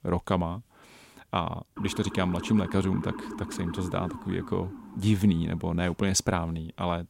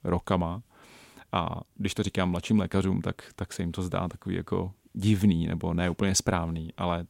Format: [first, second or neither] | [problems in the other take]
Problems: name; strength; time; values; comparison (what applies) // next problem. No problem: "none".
second | siren; noticeable; from 2 to 5.5 s; peak 9 dB below the speech